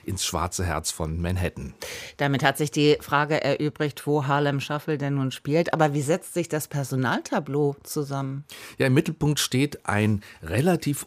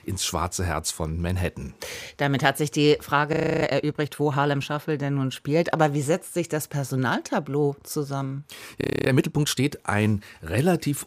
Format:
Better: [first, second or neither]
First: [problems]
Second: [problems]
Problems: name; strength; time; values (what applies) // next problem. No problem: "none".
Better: first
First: none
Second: audio freezing; at 3.5 s and at 9 s